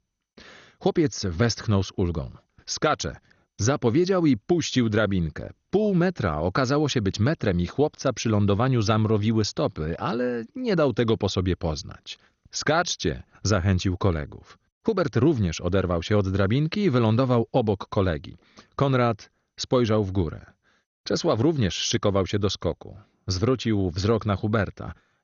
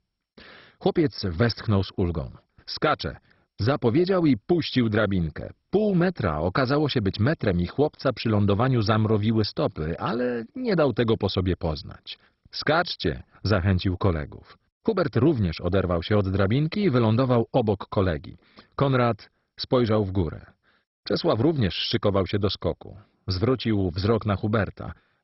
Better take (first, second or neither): first